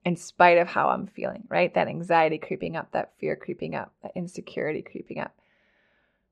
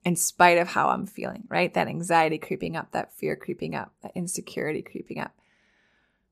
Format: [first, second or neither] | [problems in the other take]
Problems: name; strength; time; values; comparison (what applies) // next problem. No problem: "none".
second | muffled; slightly; fading above 3 kHz